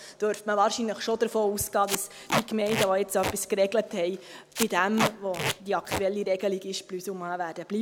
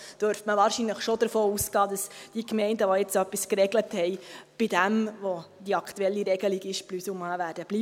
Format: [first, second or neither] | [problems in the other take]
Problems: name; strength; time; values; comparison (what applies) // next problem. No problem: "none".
second | background sound (Packing tape, duct tape); 5 dB below the speech